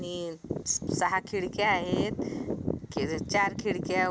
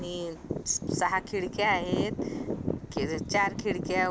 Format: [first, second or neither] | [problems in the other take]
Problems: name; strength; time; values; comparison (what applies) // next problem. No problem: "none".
first | background sound (Subway, metro, underground); 20 dB below the speech